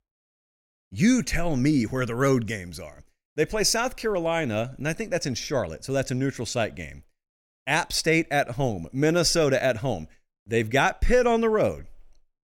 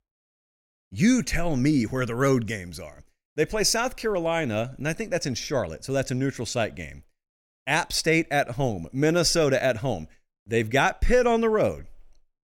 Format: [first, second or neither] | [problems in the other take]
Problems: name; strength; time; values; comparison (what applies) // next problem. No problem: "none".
neither | none